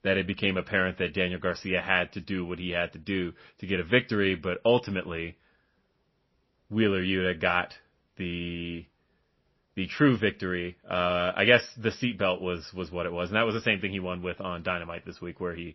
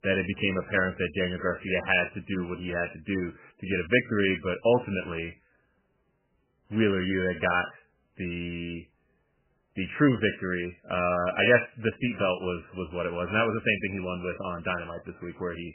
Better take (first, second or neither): first